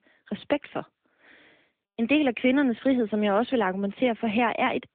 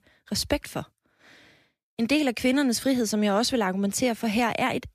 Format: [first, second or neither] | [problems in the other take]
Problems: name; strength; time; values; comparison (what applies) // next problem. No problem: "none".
second | phone-call audio